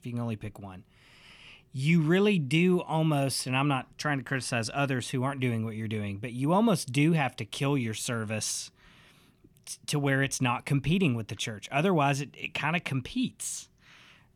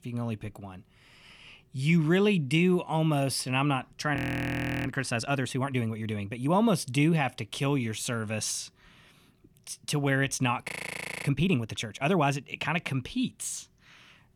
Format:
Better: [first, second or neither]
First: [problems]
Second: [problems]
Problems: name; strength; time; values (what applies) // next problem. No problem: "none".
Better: first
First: none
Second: audio freezing; at 4 s for 0.5 s and at 11 s for 0.5 s